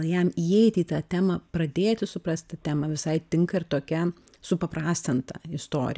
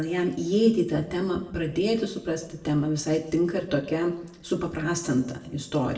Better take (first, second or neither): first